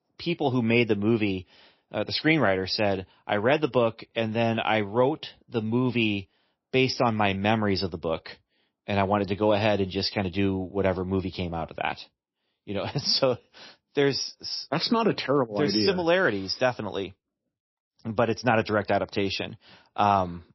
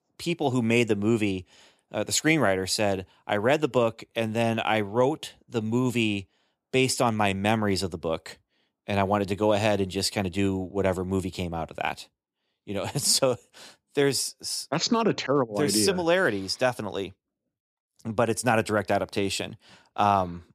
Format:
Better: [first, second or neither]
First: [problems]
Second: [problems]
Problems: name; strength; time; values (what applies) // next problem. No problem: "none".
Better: second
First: garbled, watery; slightly; nothing above 5.5 kHz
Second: none